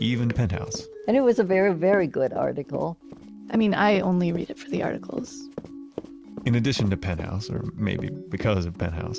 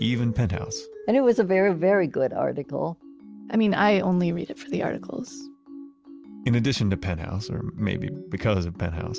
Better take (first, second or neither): second